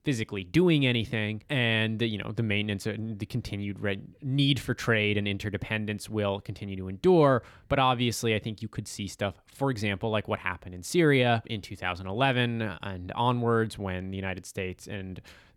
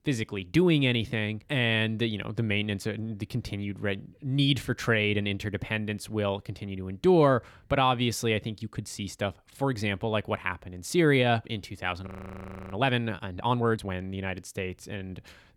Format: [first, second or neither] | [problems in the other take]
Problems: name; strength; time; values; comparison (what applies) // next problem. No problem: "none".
first | audio freezing; at 12 s for 0.5 s